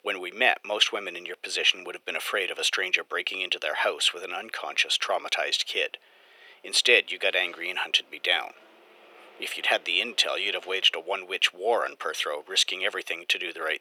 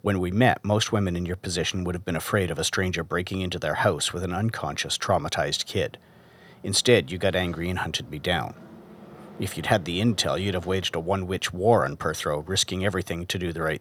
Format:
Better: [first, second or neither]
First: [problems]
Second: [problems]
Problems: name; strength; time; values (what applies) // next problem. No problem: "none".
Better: second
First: thin; very; fading below 400 Hz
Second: none